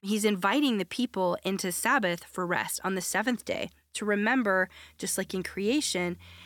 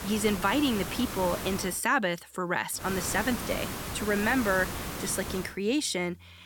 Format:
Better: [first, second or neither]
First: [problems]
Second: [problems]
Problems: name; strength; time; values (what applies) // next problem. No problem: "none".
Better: first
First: none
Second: hiss; loud; until 1.5 s and from 3 to 5.5 s; 7 dB below the speech